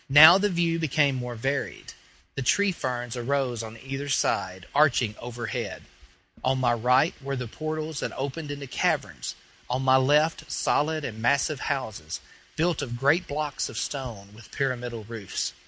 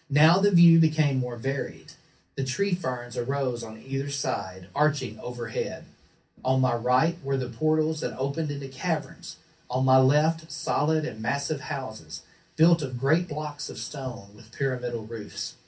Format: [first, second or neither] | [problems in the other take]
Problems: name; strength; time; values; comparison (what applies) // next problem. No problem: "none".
first | room echo; dies away in 0.3 s